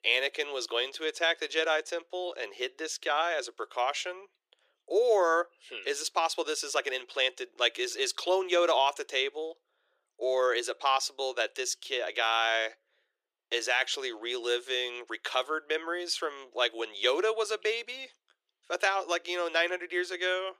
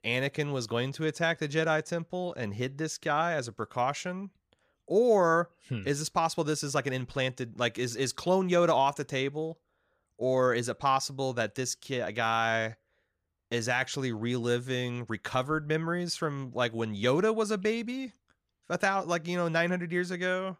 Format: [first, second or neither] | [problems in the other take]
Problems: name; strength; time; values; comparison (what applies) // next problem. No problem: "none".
second | thin; very; fading below 350 Hz